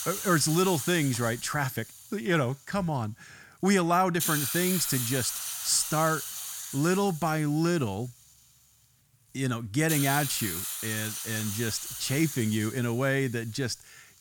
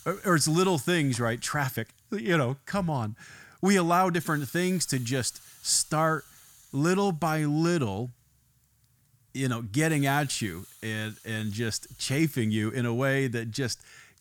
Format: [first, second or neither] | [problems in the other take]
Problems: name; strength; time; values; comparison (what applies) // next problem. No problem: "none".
second | hiss; loud; throughout; 4 dB below the speech; faint in the second